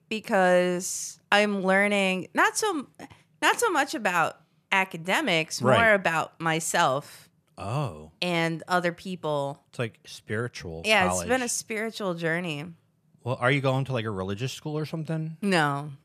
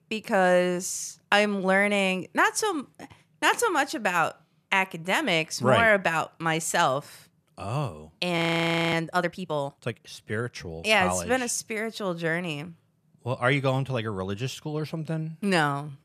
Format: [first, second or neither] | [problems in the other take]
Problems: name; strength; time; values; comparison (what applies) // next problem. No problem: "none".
first | audio freezing; at 8.5 s for 0.5 s